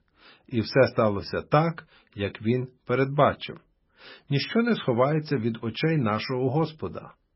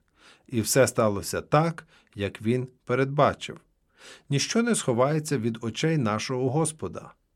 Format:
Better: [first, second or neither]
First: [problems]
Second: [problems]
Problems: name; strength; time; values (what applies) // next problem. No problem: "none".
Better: second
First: garbled, watery; badly; nothing above 5.5 kHz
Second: none